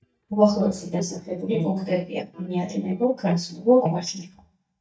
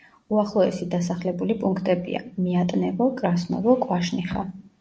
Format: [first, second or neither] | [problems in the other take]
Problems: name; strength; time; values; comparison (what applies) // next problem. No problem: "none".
second | noise reduction (neural mask model DeepFilterNet 3)